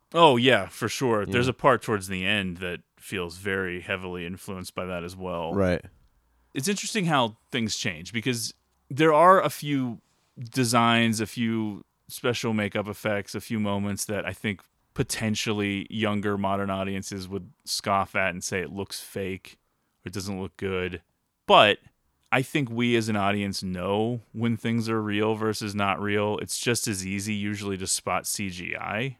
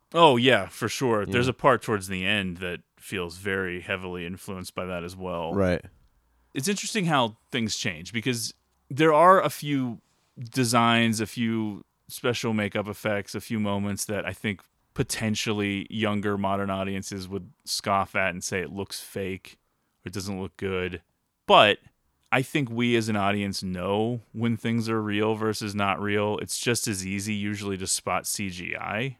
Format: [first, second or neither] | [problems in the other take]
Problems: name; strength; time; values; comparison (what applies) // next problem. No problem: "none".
neither | none